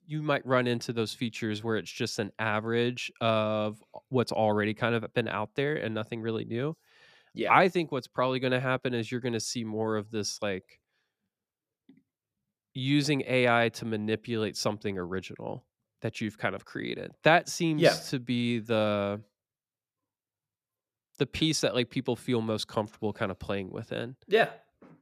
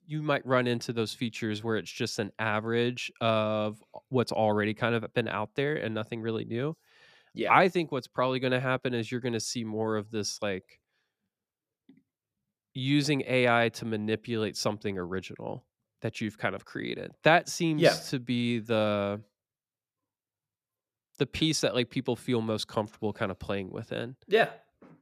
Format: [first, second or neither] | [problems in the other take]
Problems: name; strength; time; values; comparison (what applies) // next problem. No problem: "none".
neither | none